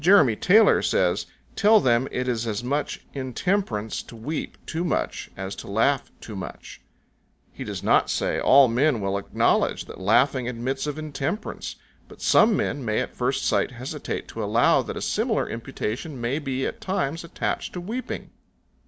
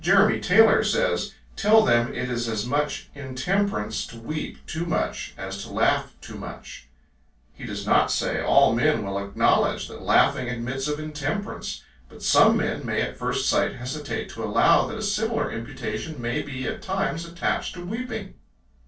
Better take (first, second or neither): first